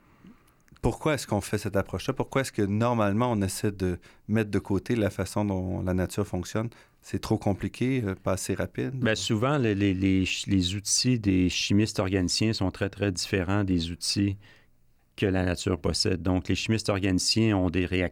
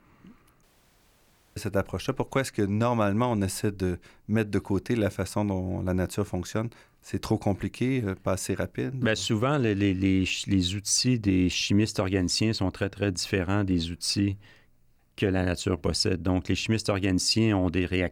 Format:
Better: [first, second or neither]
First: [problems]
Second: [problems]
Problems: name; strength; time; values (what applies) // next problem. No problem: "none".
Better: first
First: none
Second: audio cutting out; at 0.5 s for 1 s